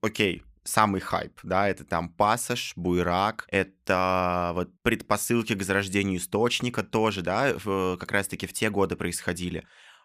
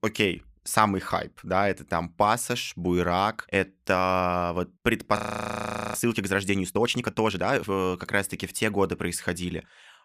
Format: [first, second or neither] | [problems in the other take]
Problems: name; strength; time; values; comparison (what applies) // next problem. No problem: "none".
first | audio freezing; at 5 s for 1 s